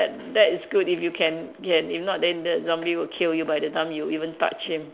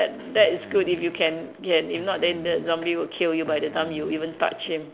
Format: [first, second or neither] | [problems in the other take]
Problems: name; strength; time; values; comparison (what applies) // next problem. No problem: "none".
first | background sound (Fart); 19 dB below the speech